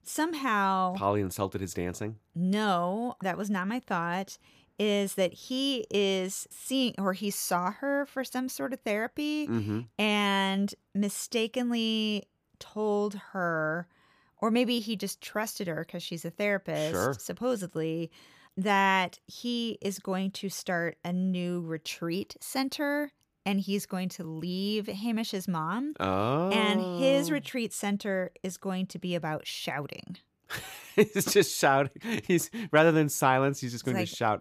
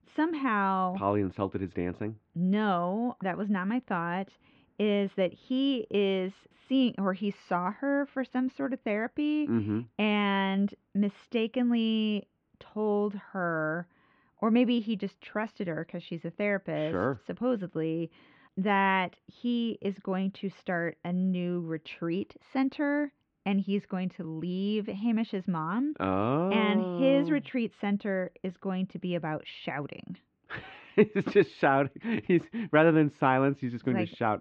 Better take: first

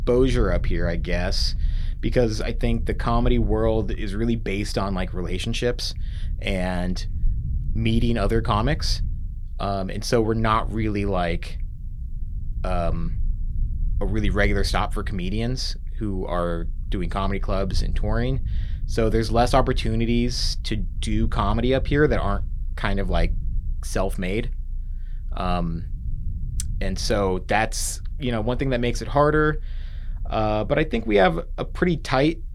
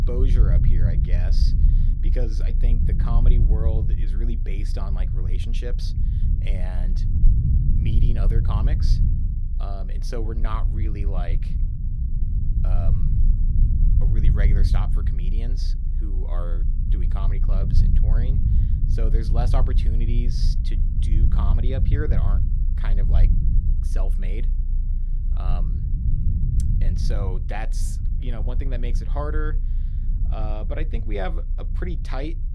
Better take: first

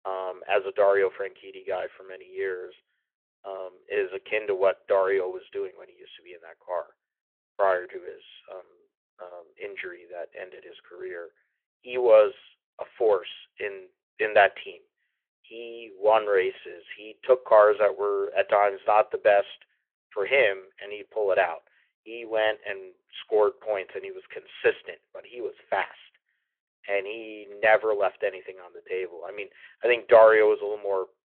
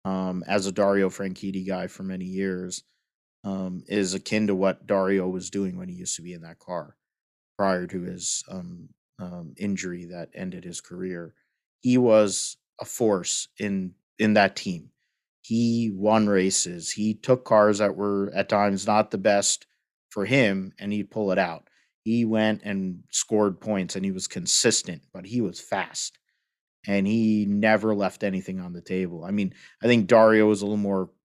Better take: second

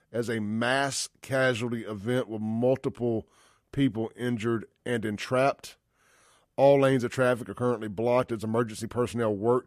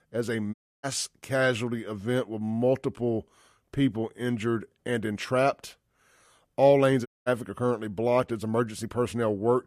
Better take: first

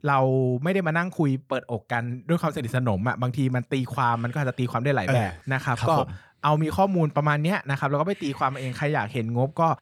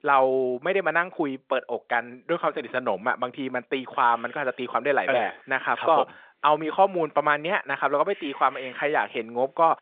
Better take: first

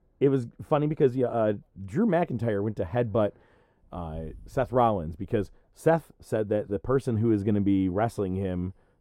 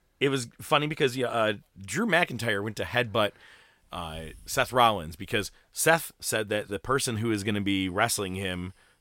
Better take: second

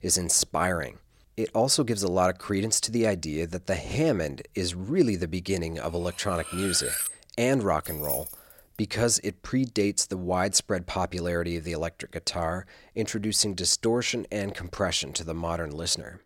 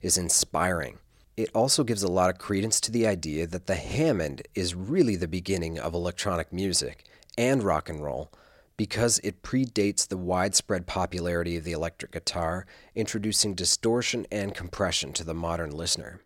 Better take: second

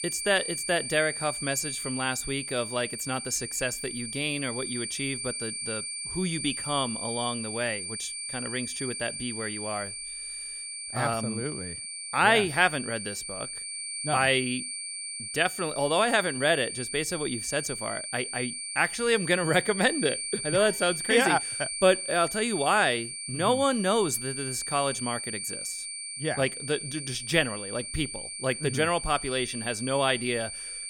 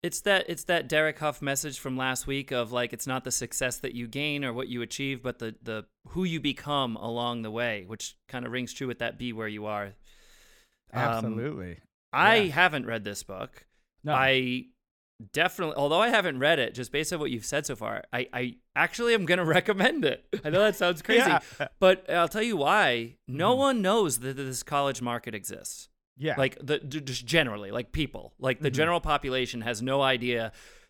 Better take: second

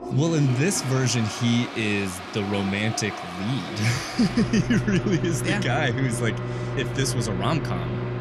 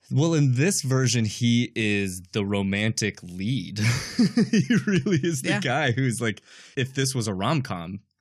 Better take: second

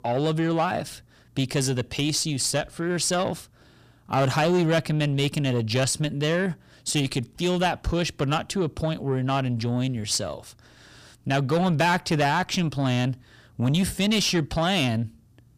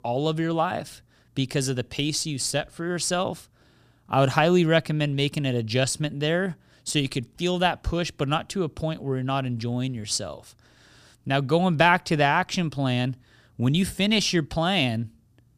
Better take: second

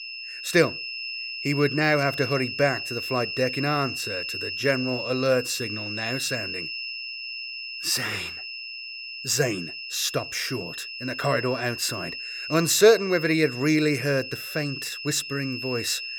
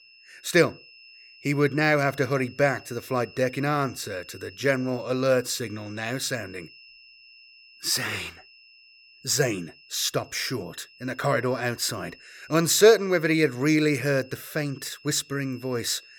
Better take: second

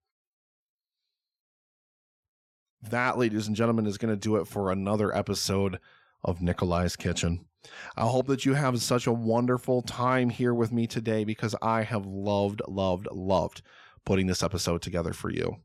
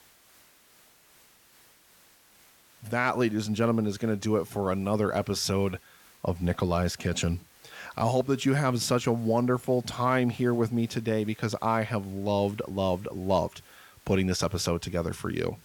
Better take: first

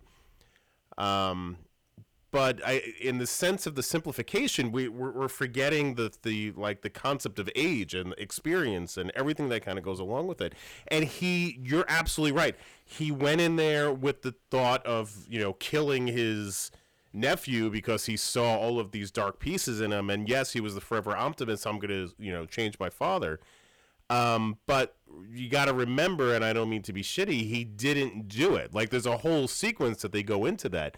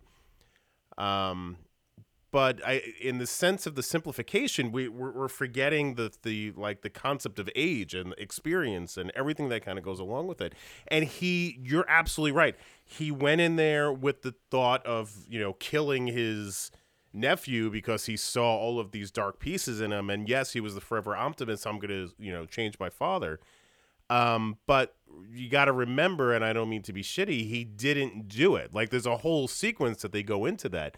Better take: second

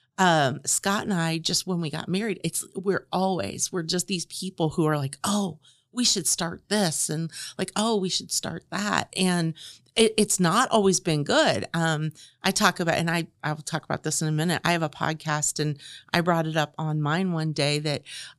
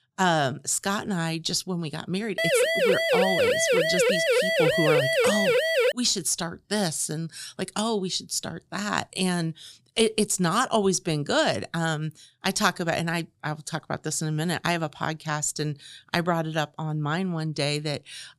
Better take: first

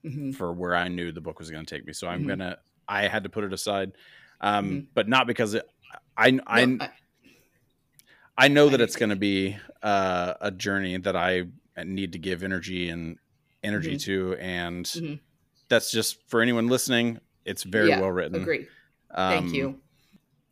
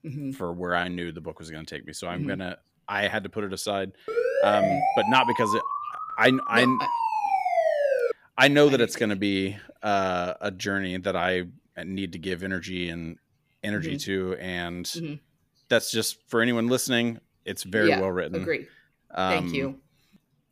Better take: first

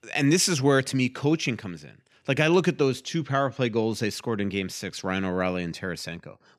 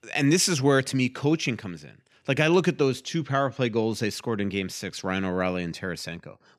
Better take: neither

